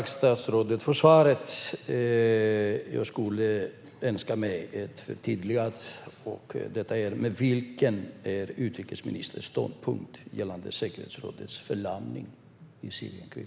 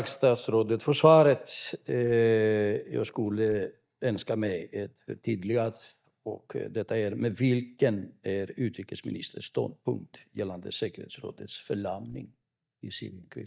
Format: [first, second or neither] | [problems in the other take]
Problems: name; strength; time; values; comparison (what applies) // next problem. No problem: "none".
first | noise reduction (neural mask model DeepFilterNet 3)